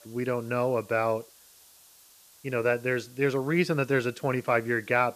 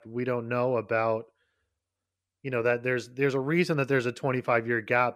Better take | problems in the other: second | hiss; faint; throughout; 25 dB below the speech

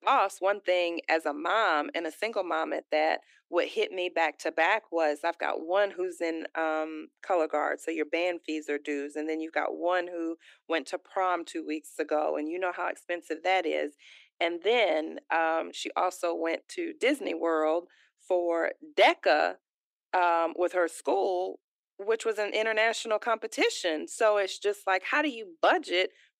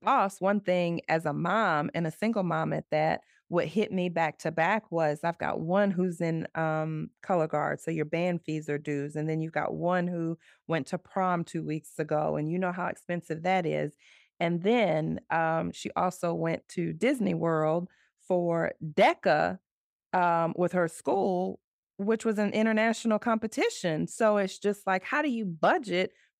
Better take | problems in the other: second | thin; somewhat; fading below 300 Hz

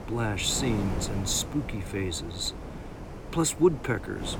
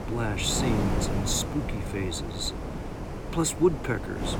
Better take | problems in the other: first | wind noise on the microphone; heavy; 5 dB below the speech; occasional gusts in the first

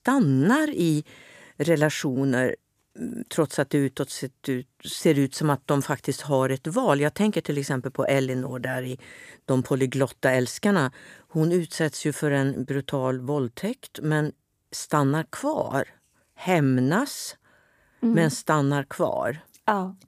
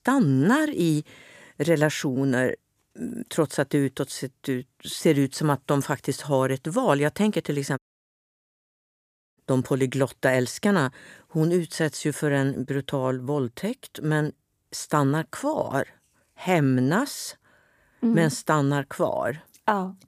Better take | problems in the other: first | audio cutting out; at 8 s for 1.5 s

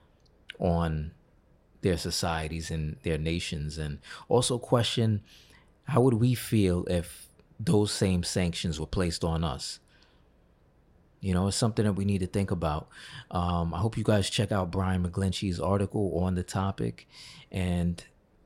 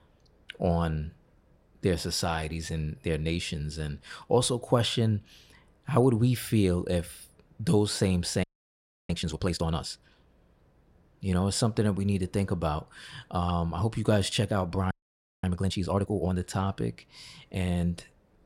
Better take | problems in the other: first | audio freezing; at 8.5 s for 0.5 s and at 15 s for 0.5 s

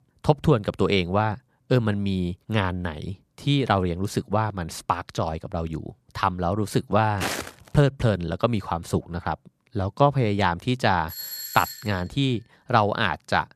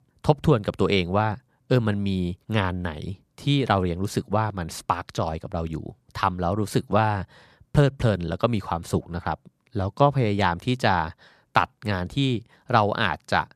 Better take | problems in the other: second | footsteps; noticeable; at 7 s; peak 4 dB below the speech // doorbell; noticeable; at 11 s; peak 7 dB below the speech

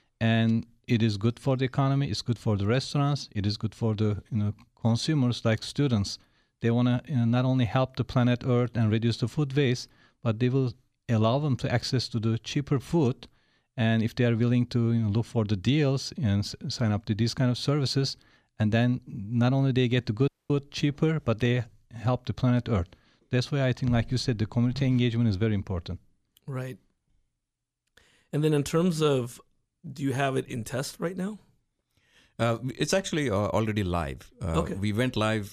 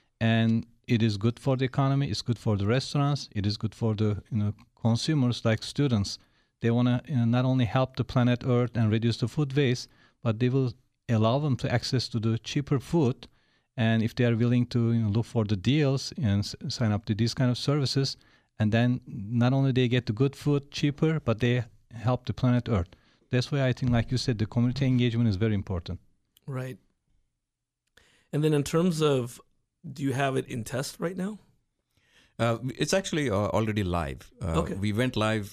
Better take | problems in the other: second | audio cutting out; at 20 s

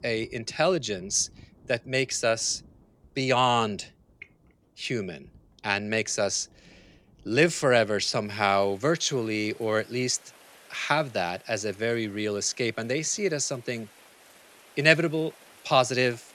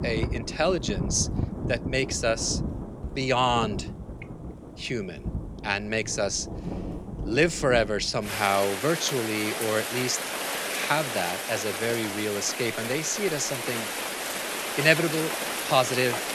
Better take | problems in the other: first | rain or running water; loud; throughout; 5 dB below the speech; faint in the first

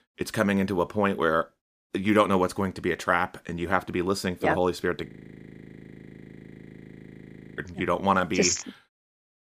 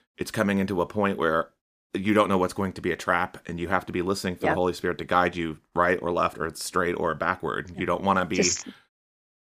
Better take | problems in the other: second | audio freezing; at 5 s for 2.5 s

